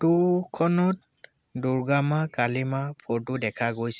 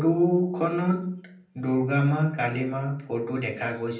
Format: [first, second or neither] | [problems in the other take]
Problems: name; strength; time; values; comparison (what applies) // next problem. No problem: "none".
first | room echo; dies away in 0.6 s